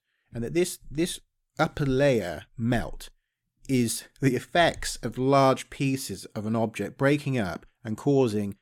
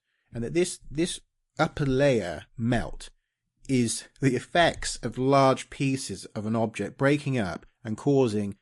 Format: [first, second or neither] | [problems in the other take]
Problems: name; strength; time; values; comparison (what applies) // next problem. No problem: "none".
first | garbled, watery; slightly; nothing above 11 kHz